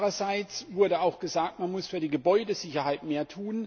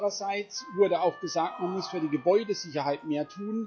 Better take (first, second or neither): first